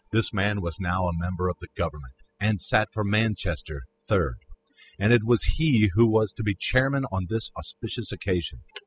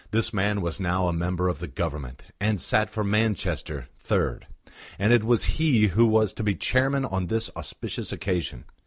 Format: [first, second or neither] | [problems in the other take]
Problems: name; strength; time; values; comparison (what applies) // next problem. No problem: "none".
second | noise reduction (classical method spectral subtraction)